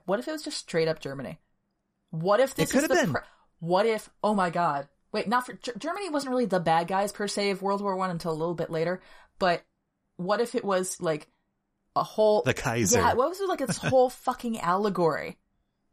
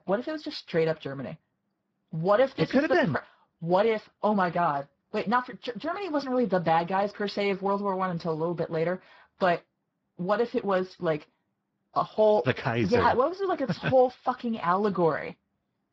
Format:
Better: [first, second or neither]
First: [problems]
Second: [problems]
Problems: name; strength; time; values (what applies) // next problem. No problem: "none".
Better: first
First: none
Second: garbled, watery; badly